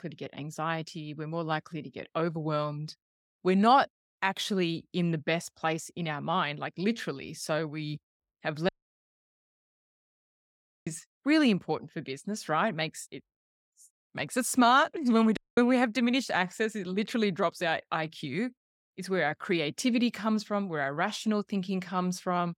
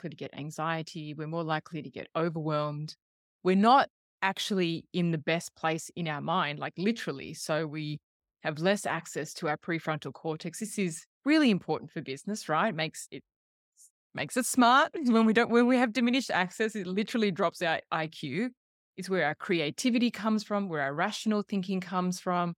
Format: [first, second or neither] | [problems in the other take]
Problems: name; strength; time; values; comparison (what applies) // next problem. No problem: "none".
second | audio cutting out; at 8.5 s for 2 s and at 15 s